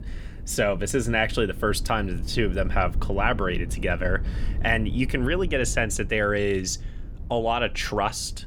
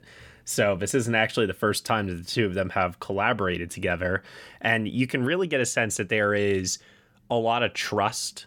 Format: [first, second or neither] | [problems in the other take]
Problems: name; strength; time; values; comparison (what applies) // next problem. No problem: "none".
second | low rumble; faint; throughout; 20 dB below the speech